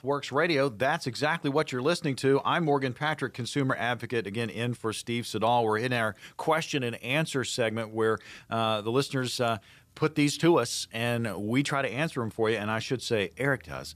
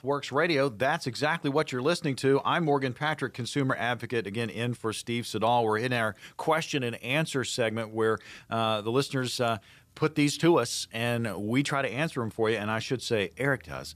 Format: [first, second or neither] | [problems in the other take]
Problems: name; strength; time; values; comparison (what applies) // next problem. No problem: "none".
neither | none